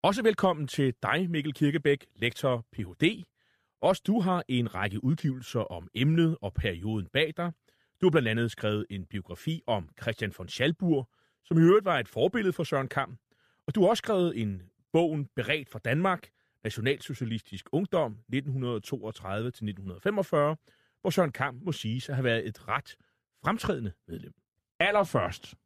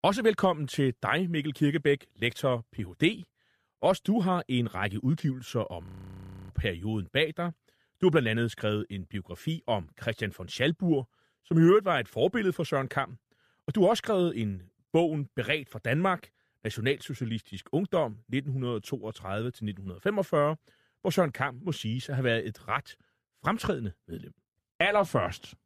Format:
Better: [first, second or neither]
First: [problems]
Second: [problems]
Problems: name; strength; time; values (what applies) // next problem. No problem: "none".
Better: first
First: none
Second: audio freezing; at 6 s for 0.5 s